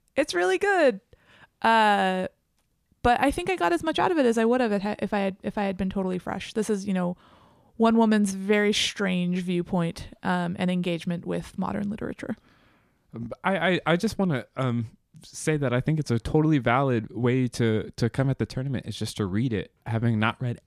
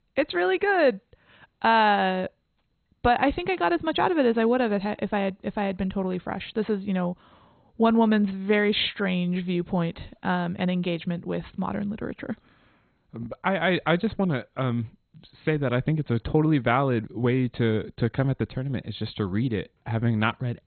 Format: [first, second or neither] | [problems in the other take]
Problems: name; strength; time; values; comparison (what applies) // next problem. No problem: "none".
first | garbled, watery; badly; nothing above 4 kHz